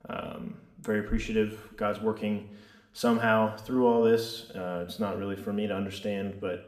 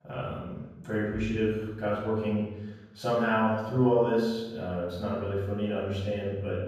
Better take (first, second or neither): first